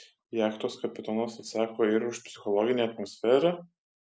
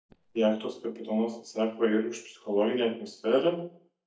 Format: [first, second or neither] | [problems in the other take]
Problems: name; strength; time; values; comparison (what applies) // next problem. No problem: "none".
first | noise reduction (neural mask model DeepFilterNet 3)